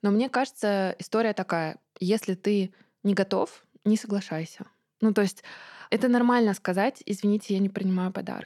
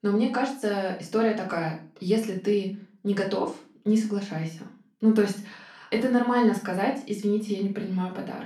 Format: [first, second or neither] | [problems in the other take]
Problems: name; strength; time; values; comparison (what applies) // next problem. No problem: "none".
first | room echo; slight; dies away in 0.3 s // off-mic speech; far